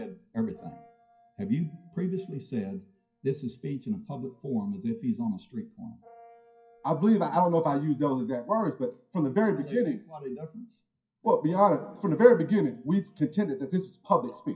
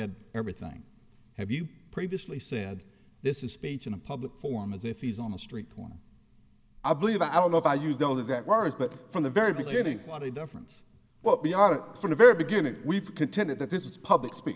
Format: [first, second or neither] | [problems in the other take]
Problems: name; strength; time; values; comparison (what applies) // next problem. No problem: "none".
second | noise reduction (classical method WPE with log-MMSE)